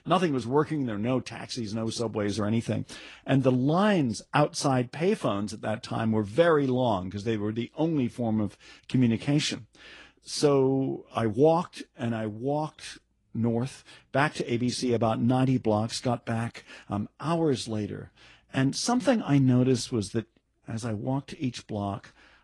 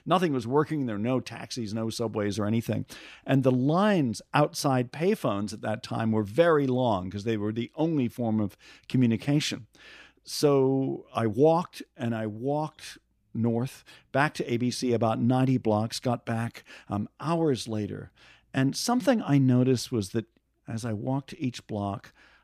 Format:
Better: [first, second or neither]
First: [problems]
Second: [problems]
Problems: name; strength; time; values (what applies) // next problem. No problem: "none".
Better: second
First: garbled, watery; slightly; nothing above 10.5 kHz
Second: none